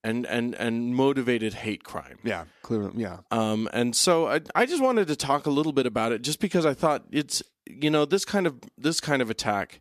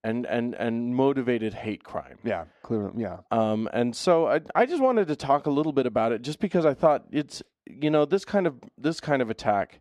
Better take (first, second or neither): first